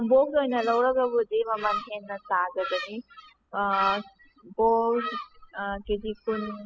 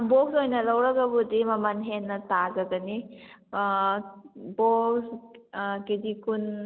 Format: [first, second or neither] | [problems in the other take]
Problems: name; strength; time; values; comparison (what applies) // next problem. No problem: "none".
second | noise reduction (classical method spectral subtraction)